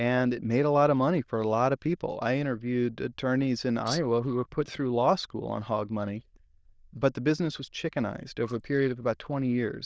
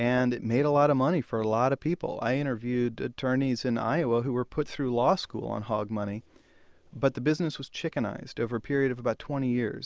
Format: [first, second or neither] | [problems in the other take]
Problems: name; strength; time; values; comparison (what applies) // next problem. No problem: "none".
second | noise reduction (neural diffusion model UNIVERSE++)